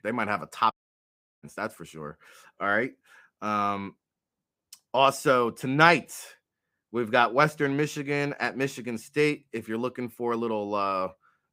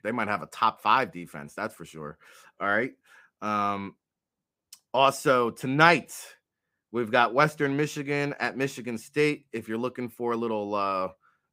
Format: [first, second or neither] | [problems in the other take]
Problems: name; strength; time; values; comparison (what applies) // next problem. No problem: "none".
second | audio cutting out; at 0.5 s for 0.5 s